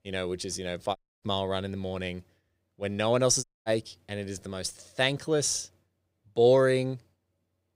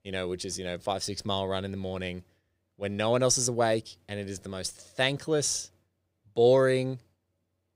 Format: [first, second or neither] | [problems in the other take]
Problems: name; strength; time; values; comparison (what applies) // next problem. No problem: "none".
second | audio cutting out; at 1 s and at 3.5 s